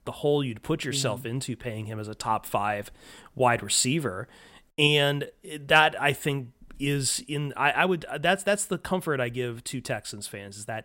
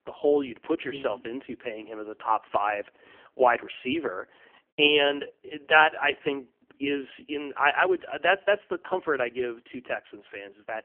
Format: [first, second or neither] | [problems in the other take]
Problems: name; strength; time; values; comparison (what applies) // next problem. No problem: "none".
first | phone-call audio; poor line; nothing above 3 kHz